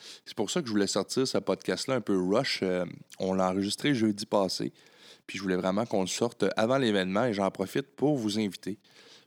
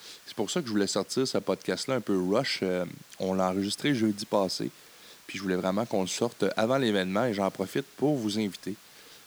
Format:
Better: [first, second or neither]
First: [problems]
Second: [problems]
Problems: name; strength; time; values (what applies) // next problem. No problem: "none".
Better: first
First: none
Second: hiss; faint; throughout; 25 dB below the speech